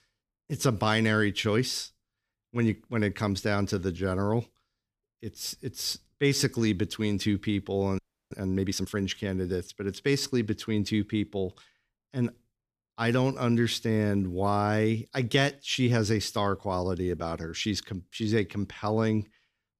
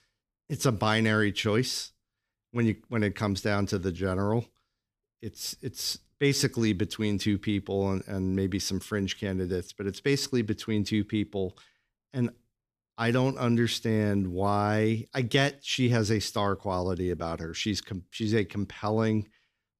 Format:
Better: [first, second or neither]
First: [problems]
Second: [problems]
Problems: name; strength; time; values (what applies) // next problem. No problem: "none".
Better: second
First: audio freezing; at 8 s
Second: none